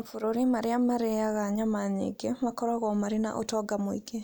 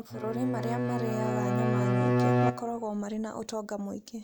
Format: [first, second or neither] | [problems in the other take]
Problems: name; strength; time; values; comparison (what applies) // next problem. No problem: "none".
first | background sound (Bowed string instrument); 5 dB above the speech